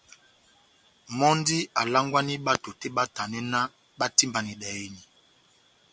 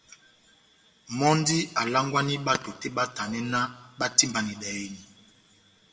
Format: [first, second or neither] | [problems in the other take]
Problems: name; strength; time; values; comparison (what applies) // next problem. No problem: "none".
first | background sound (Bark); 19 dB below the speech // room echo; dies away in 1 s